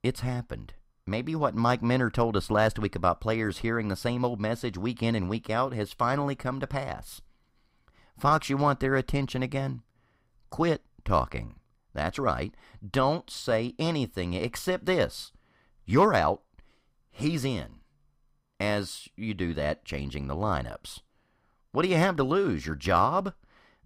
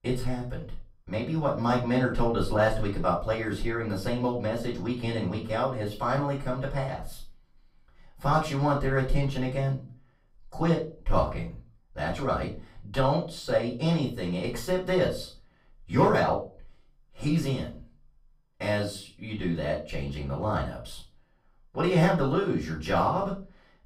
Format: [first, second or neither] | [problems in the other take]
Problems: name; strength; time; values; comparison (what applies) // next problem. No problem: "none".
first | off-mic speech; far // room echo; slight; dies away in 0.3 s